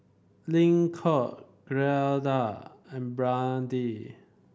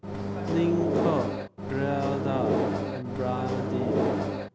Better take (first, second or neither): first